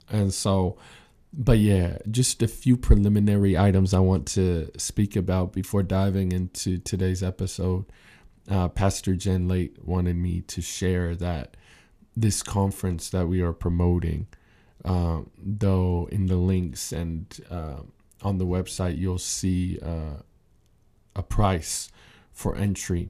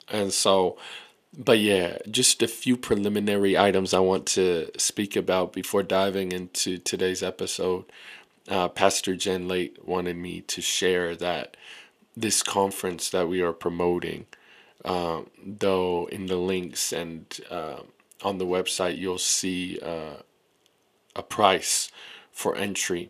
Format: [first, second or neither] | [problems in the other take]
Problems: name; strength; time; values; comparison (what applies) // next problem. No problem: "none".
first | thin; somewhat; fading below 400 Hz